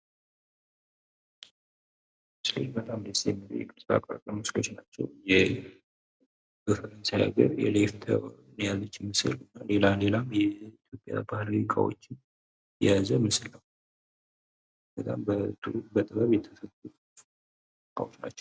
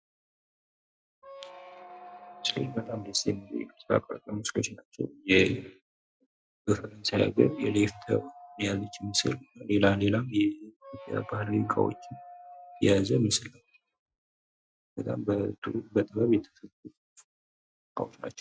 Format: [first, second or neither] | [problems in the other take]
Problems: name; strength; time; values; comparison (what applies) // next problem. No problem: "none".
first | noise reduction (classical method Wiener filter)